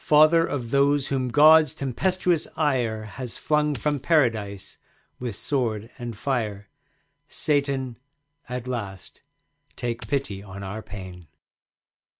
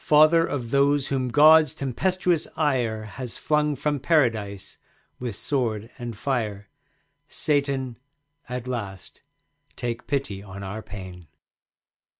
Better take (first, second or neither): second